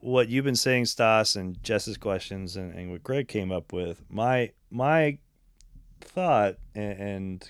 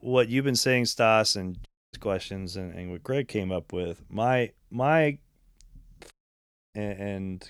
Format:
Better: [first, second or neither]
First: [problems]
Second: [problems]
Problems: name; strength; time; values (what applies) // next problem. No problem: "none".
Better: first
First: none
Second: audio cutting out; at 1.5 s and at 6 s for 0.5 s